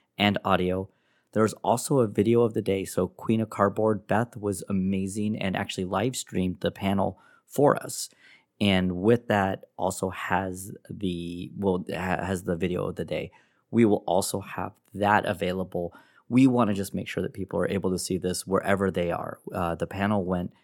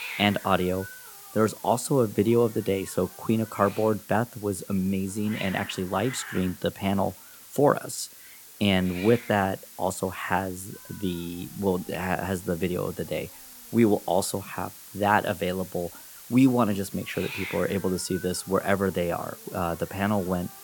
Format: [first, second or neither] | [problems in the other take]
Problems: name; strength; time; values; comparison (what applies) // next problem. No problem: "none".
first | hiss; noticeable; throughout; 15 dB below the speech